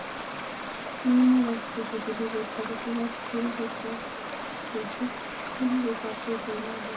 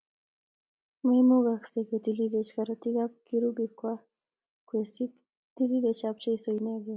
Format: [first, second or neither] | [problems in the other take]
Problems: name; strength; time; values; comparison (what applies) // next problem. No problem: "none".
second | background sound (Stream); 6 dB below the speech // room echo; dies away in 0.3 s